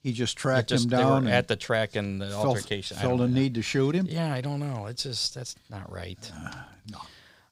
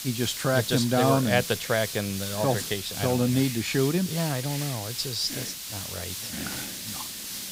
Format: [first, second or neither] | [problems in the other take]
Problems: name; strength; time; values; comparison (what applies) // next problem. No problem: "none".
first | hiss; loud; throughout; 7 dB below the speech